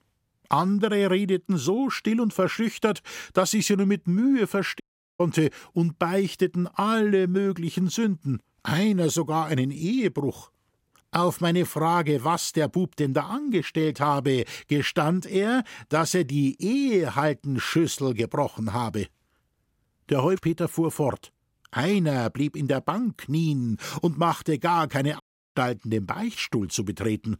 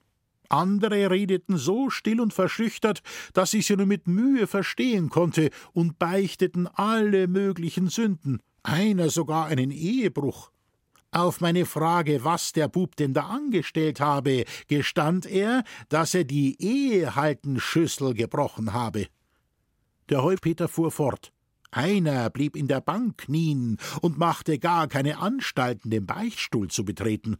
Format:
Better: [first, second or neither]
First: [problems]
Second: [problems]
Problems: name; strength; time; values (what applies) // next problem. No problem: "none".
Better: second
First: audio cutting out; at 5 s and at 25 s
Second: none